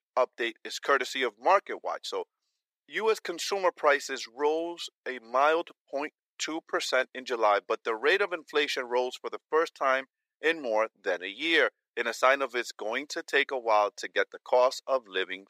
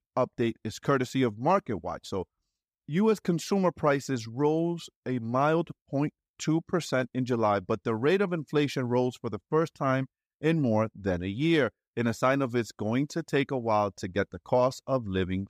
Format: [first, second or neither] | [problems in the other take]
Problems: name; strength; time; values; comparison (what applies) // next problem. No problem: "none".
second | thin; very; fading below 400 Hz